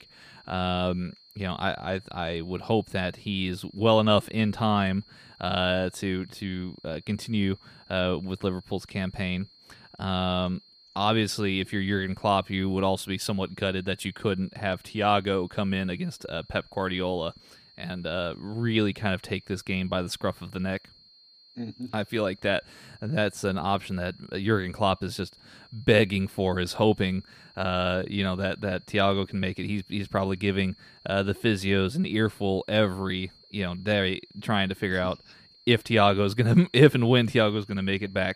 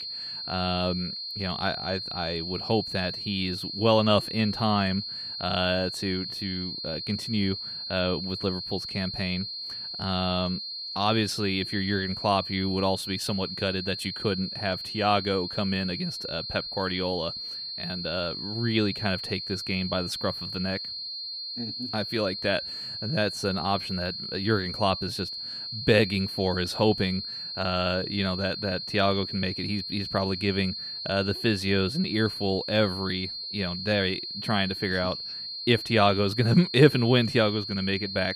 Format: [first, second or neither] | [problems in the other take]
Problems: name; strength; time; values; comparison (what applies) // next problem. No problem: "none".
first | high-pitched whine; loud; throughout; 4 kHz, 5 dB below the speech; faint in the first